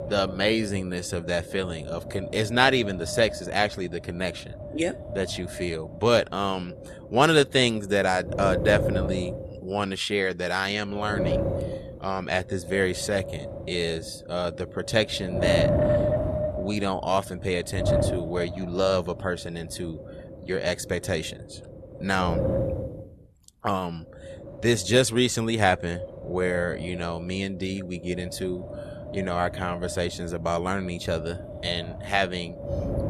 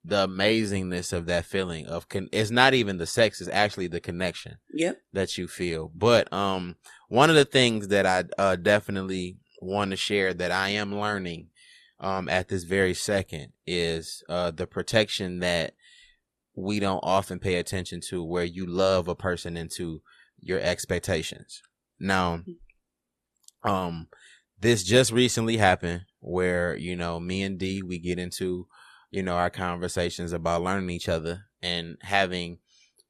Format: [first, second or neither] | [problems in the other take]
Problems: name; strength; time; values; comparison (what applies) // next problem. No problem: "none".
second | wind noise on the microphone; heavy; 7 dB below the speech